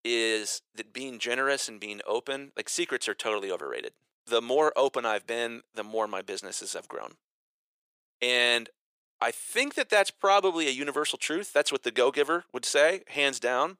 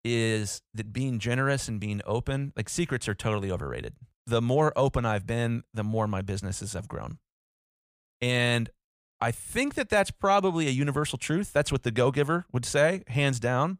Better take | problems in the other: second | thin; very; fading below 350 Hz

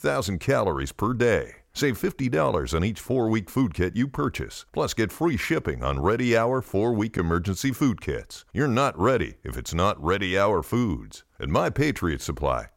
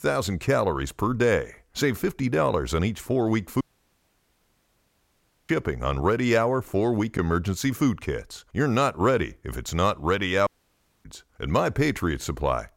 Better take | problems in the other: first | audio cutting out; at 3.5 s for 2 s and at 10 s for 0.5 s

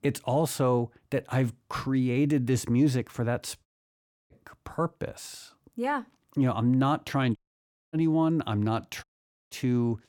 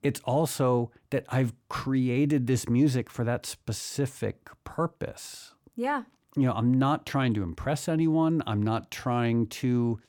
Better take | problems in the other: second | audio cutting out; at 3.5 s for 0.5 s, at 7.5 s for 0.5 s and at 9 s

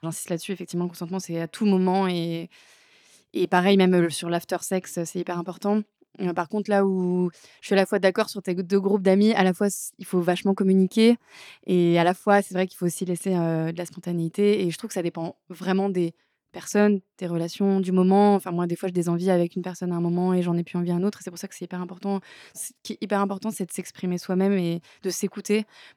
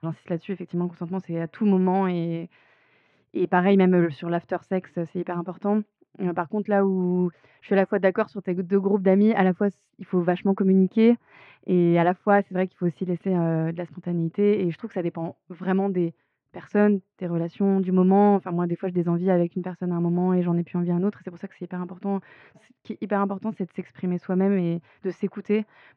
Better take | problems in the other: first | muffled; very; fading above 2 kHz

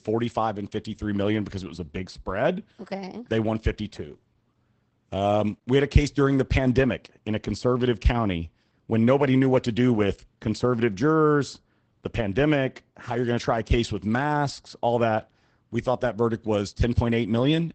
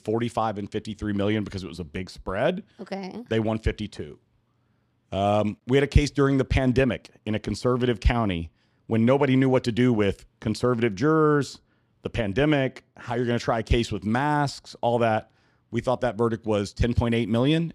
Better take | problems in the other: second | garbled, watery; badly; nothing above 8 kHz

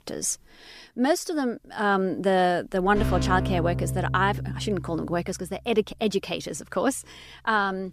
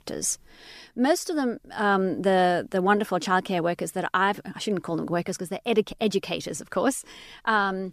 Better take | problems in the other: second | background music; loud; throughout; 4 dB below the speech

